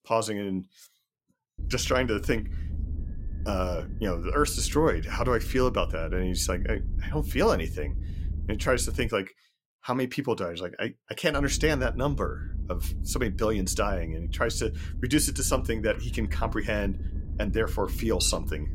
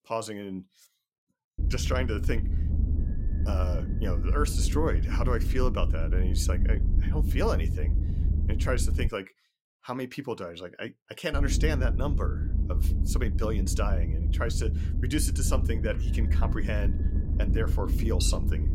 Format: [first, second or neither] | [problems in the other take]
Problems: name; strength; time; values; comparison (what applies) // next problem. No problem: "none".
first | low rumble; loud; from 1.5 to 9 s and from 11 s on; 9 dB below the speech; faint in the first